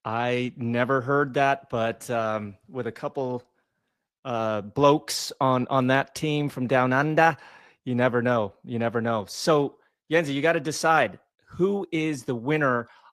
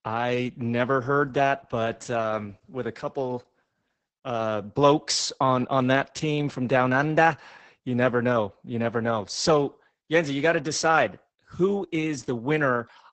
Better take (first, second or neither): first